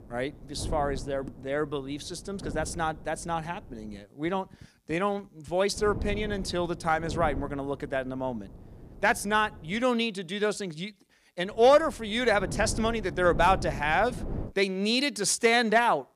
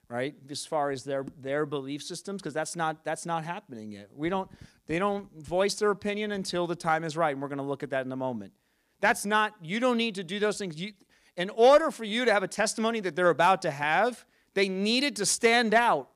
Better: second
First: wind noise on the microphone; occasional gusts; until 4 s, from 5.5 to 10 s and from 11 to 14 s; 20 dB below the speech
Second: none

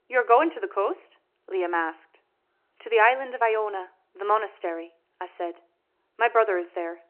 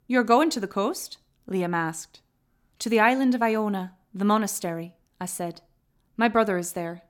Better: second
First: phone-call audio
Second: none

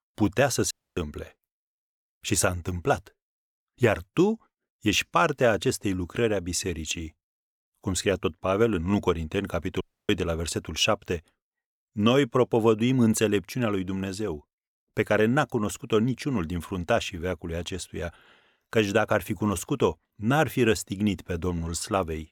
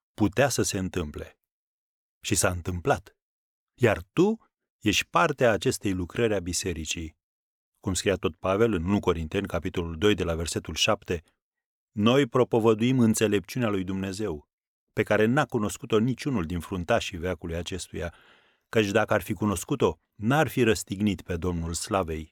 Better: second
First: audio cutting out; at 0.5 s and at 10 s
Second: none

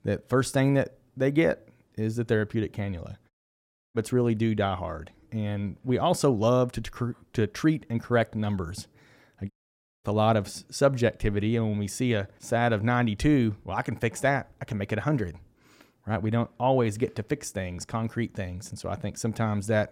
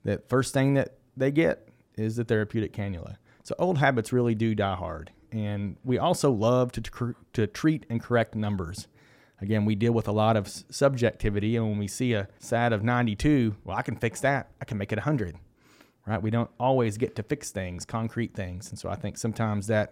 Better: second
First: audio cutting out; at 3.5 s for 0.5 s and at 9.5 s for 0.5 s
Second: none

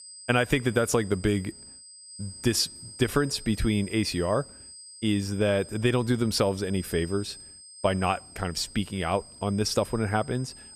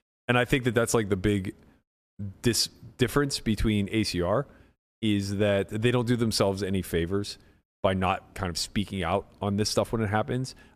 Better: second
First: high-pitched whine; noticeable; throughout; 8.5 kHz, 15 dB below the speech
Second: none

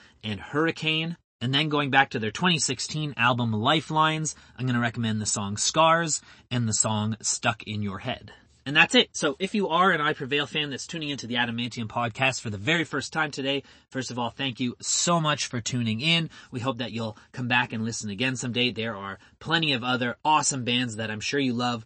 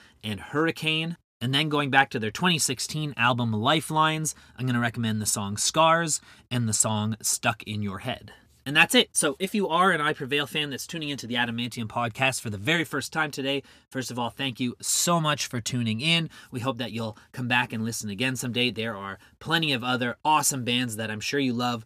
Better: second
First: garbled, watery; slightly; nothing above 8 kHz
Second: none

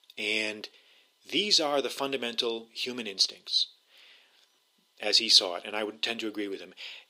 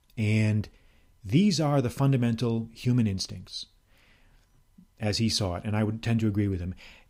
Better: second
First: thin; very; fading below 350 Hz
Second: none

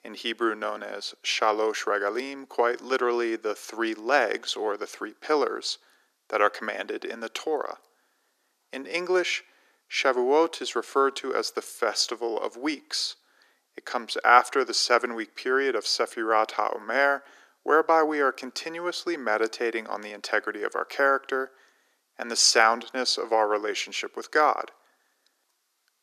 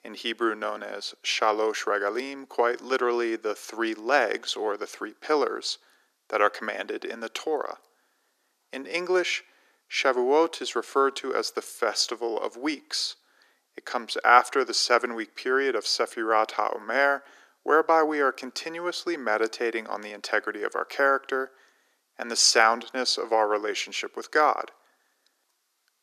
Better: neither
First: thin; very; fading below 300 Hz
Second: thin; very; fading below 300 Hz

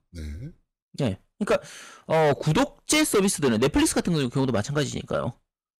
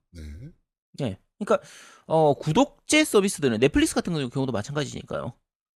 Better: second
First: distortion; heavy; 9% of the sound clipped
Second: none

